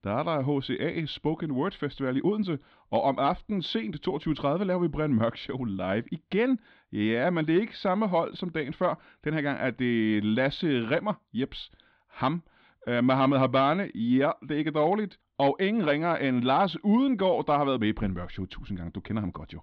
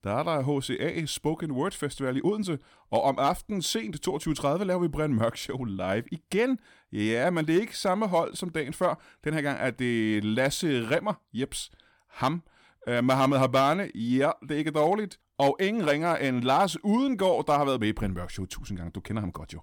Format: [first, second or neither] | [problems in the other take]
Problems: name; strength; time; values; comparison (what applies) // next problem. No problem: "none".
second | muffled; slightly; fading above 4 kHz